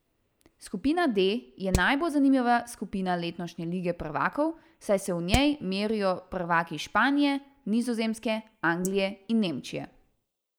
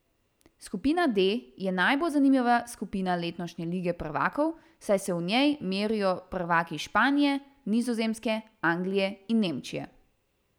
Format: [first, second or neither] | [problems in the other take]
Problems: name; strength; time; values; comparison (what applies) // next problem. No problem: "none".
second | noise reduction (neural mask model Resemble Enhance denoiser)